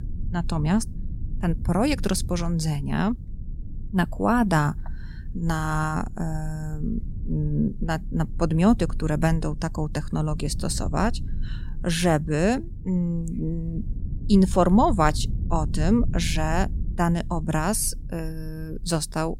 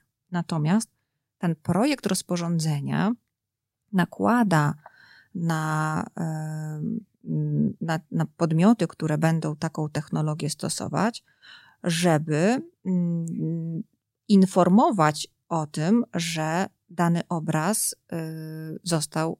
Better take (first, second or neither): second